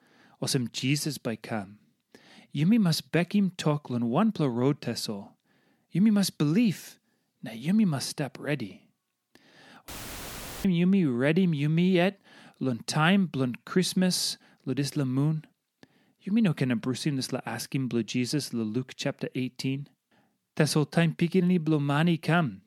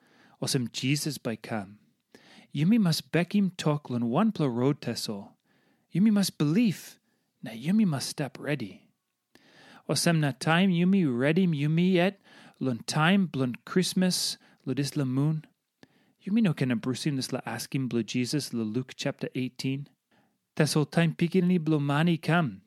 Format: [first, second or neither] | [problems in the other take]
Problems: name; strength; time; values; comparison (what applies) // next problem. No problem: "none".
second | audio cutting out; filled with static; at 10 s for 1 s